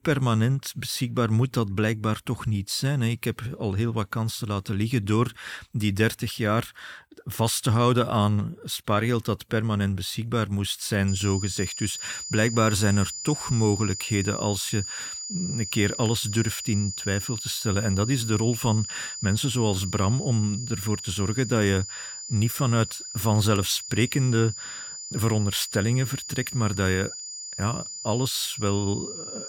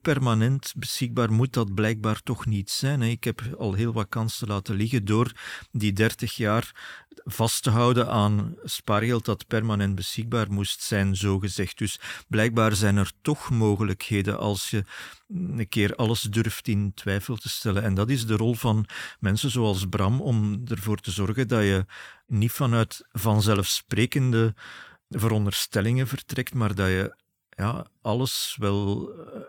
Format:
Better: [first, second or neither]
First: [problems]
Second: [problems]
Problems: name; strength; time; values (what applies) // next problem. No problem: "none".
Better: second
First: high-pitched whine; loud; from 11 s on; 7 kHz, 8 dB below the speech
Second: none